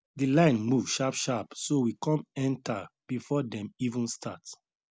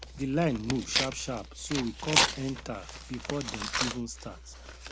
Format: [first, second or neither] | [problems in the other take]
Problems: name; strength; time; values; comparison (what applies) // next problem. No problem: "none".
first | background sound (Tearing); as loud as the speech